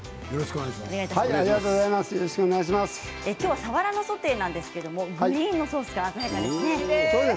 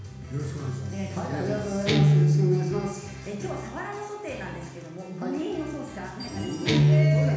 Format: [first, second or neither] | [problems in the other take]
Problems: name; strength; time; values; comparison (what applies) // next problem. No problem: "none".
first | background sound (Guitar); 4 dB above the speech // room echo; dies away in 1.1 s